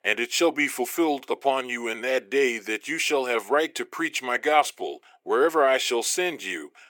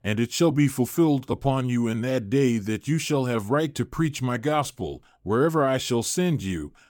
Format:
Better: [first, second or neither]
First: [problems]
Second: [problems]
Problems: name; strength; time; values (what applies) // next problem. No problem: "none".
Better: second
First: thin; very; fading below 400 Hz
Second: none